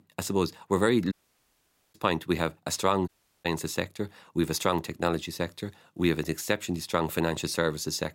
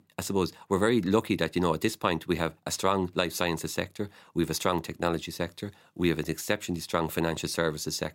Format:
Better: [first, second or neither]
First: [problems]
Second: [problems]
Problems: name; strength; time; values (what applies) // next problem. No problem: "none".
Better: second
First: audio cutting out; at 1 s for 1 s and at 3 s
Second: none